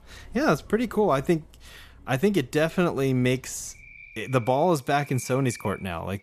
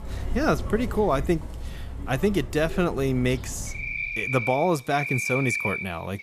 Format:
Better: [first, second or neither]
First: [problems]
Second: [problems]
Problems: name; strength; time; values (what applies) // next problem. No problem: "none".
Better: first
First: animal sounds; faint; throughout; 20 dB below the speech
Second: animal sounds; loud; throughout; 6 dB below the speech